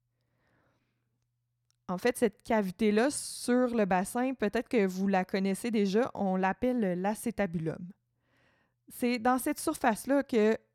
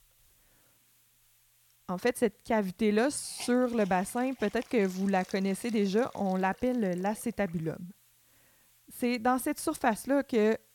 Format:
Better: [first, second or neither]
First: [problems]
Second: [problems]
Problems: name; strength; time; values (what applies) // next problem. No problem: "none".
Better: first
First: none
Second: hiss; faint; throughout; 25 dB below the speech